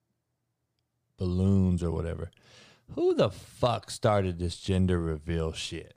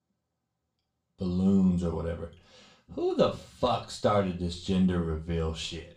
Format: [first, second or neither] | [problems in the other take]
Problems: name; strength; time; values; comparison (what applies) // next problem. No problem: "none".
first | room echo; slight; dies away in 0.3 s // off-mic speech; far